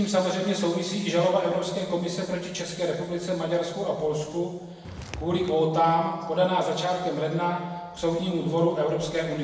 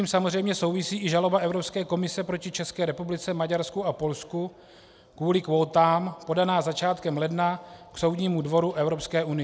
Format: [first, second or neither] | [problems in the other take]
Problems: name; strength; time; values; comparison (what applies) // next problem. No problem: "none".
second | background sound (Walk, footsteps); 12 dB below the speech // room echo; dies away in 1.3 s